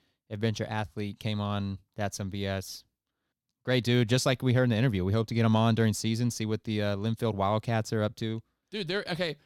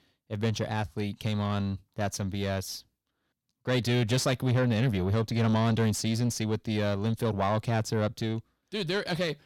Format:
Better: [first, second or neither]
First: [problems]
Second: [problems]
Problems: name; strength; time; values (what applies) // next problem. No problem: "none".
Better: first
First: none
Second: distortion; slight; 10 dB below the speech